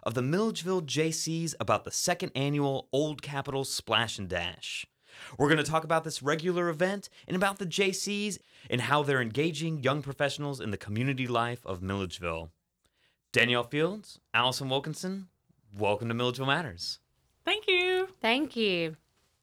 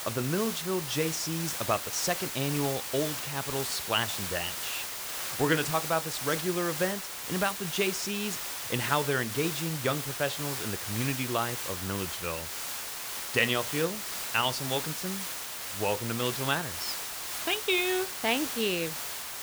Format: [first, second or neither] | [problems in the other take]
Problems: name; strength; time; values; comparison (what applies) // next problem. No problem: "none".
first | hiss; loud; throughout; 3 dB below the speech